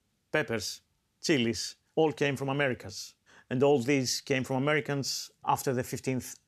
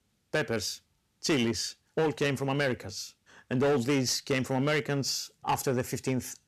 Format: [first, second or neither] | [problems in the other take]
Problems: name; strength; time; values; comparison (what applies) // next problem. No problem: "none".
first | distortion; slight; 7% of the sound clipped